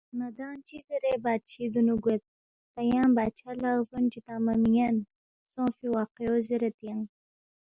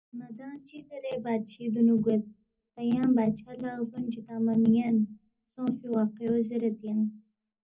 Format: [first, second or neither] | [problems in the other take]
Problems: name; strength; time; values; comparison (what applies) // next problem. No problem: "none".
first | room echo; dies away in 0.4 s